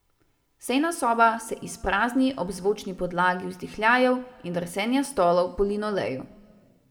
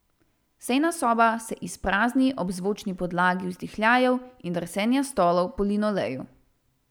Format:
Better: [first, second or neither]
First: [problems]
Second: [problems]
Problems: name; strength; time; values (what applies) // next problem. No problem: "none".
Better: second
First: room echo; dies away in 0.9 s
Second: none